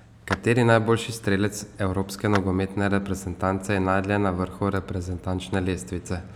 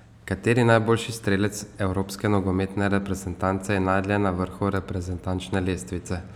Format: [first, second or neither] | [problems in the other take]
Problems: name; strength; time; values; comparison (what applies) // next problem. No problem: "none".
second | background sound (Clapping); 15 dB below the speech